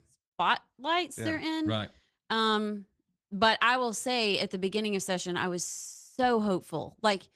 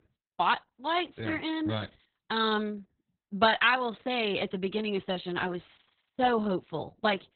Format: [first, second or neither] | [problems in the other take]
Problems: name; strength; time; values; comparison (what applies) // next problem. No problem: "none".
first | garbled, watery; badly; nothing above 4 kHz; slightly in the first